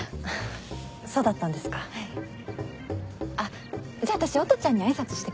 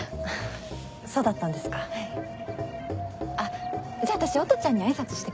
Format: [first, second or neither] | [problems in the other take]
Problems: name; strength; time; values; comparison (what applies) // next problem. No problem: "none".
first | background sound (Wind); 8 dB below the speech